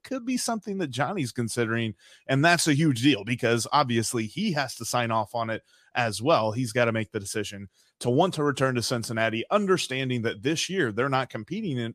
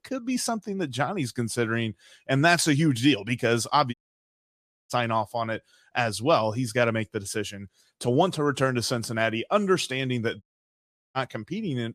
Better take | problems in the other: first | audio cutting out; at 4 s for 1 s and at 10 s for 0.5 s

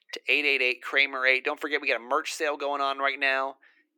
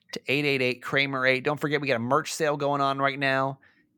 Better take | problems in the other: second | thin; somewhat; fading below 300 Hz

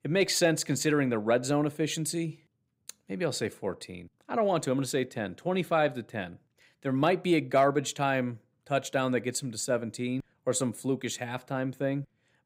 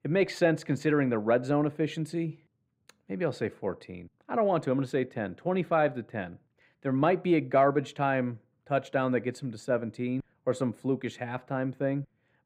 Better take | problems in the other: first | muffled; very; fading above 3.5 kHz

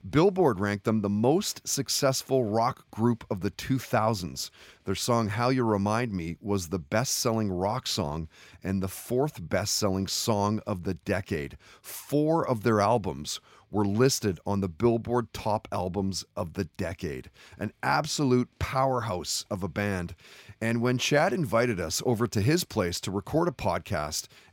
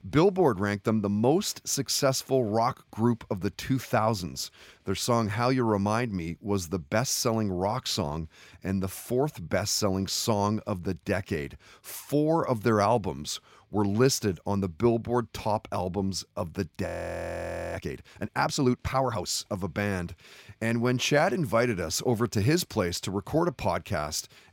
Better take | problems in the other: first | audio freezing; at 17 s for 1 s

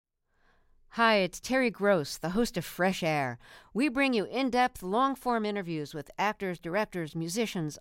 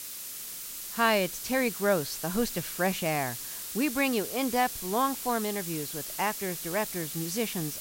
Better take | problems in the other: first | hiss; loud; throughout; 6 dB below the speech

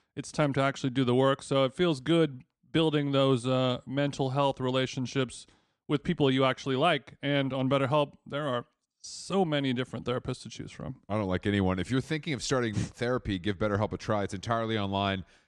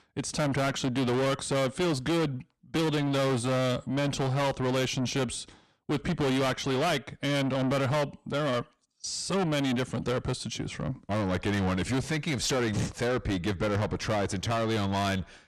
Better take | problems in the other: first | distortion; heavy; 6 dB below the speech

